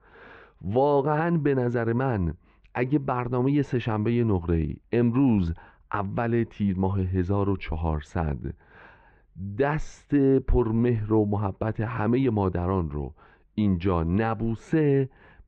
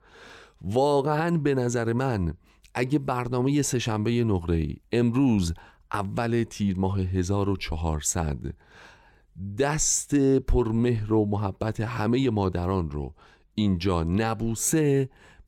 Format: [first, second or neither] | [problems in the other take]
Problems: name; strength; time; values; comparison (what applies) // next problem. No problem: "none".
second | muffled; very; fading above 2.5 kHz